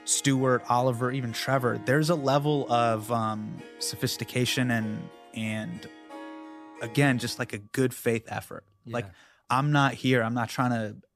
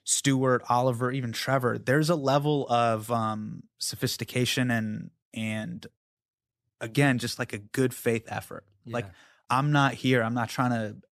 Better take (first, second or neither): second